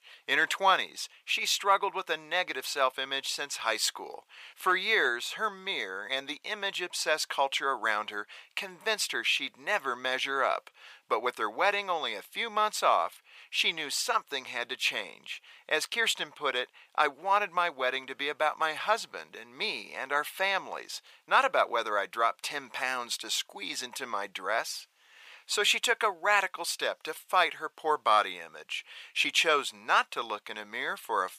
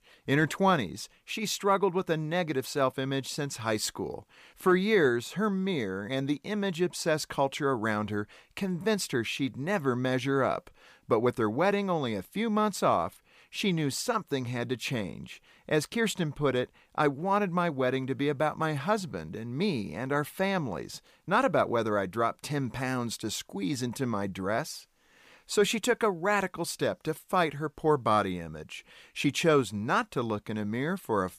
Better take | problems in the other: second | thin; very; fading below 800 Hz

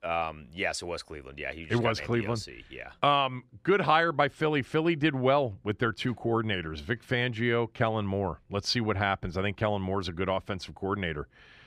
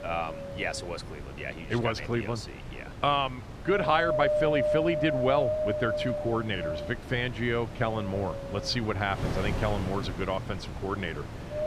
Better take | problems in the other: first | wind noise on the microphone; heavy; 1 dB below the speech

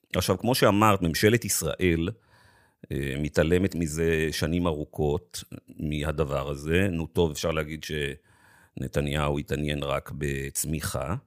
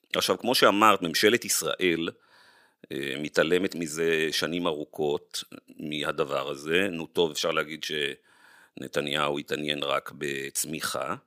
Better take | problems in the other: first | thin; somewhat; fading below 300 Hz

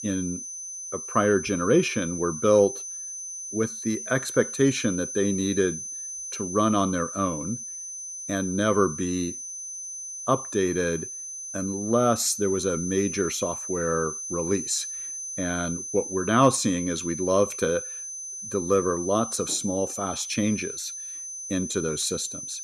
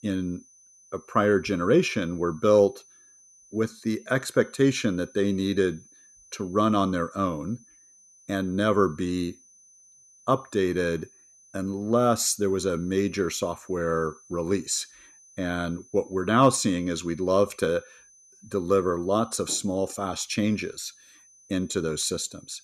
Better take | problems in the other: second | high-pitched whine; loud; throughout; 6 kHz, 7 dB below the speech; faint in the second

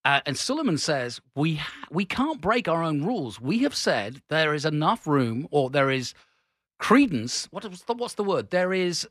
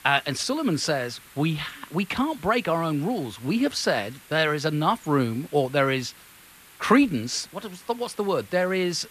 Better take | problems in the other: first | hiss; faint; throughout; 20 dB below the speech

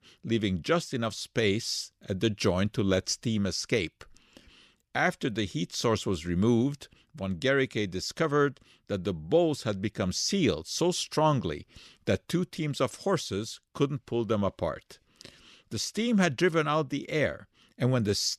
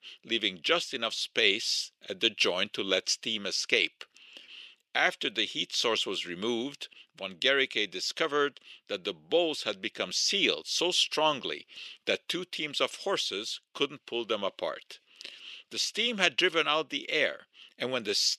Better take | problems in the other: first | thin; somewhat; fading below 400 Hz

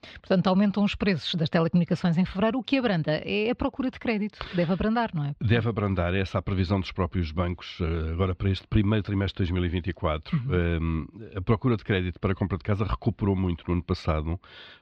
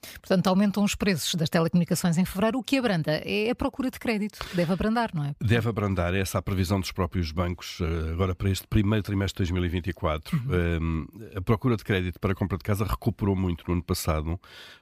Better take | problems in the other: second | muffled; very slightly; fading above 4 kHz

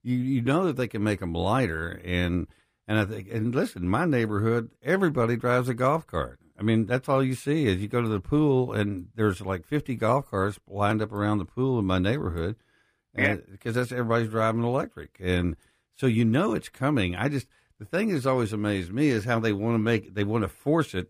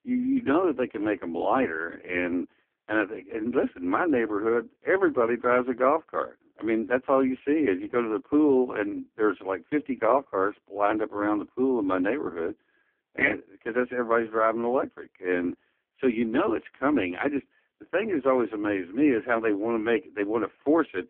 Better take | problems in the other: first | phone-call audio; poor line

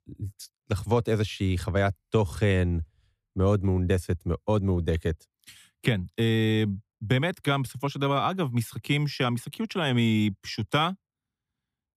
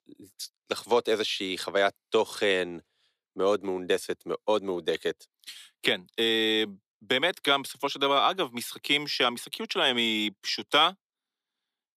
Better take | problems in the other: first | thin; very; fading below 350 Hz

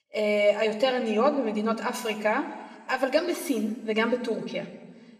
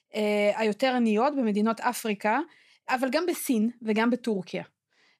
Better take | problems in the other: second | room echo; slight; dies away in 2 s

